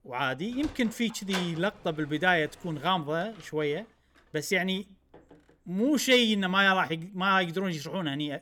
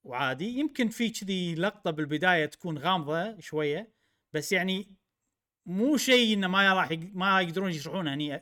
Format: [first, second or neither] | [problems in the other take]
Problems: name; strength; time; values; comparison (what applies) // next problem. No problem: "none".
second | door banging; noticeable; from 0.5 to 3.5 s; peak 9 dB below the speech